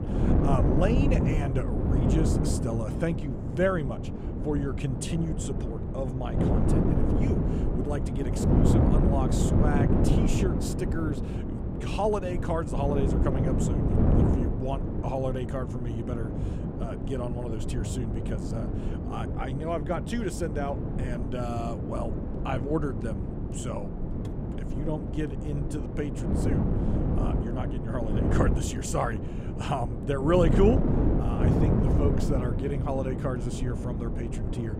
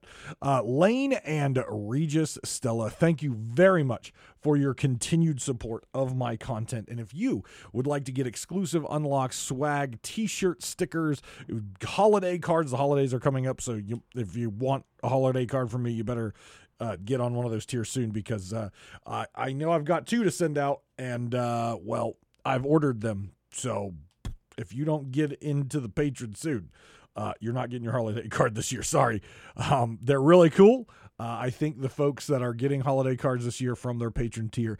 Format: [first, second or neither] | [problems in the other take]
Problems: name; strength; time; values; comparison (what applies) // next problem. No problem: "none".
second | wind noise on the microphone; heavy; 2 dB below the speech